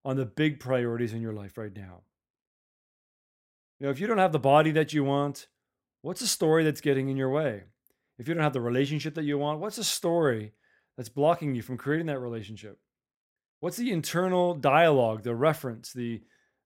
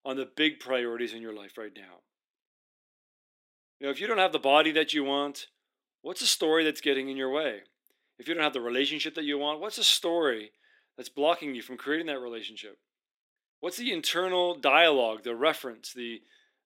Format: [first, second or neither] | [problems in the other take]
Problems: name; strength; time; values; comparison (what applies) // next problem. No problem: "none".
first | thin; very slightly; fading below 300 Hz